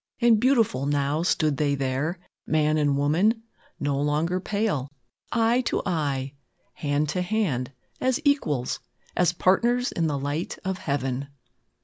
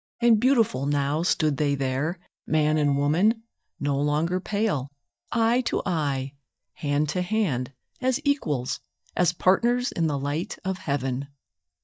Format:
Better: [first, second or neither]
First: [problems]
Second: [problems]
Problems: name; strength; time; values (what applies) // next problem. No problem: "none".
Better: first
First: none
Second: noise reduction (neural mask model DeepFilterNet 3)